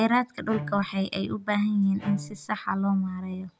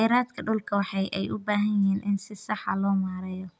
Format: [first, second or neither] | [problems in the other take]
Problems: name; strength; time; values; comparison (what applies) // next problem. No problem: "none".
second | background sound (Bowed string instrument); 15 dB below the speech